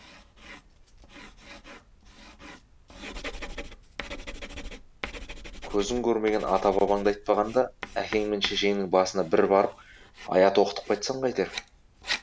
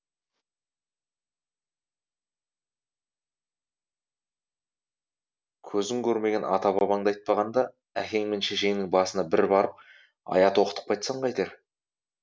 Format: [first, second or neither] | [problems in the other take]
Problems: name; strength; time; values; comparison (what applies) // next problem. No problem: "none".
second | background sound (Writing); 13 dB below the speech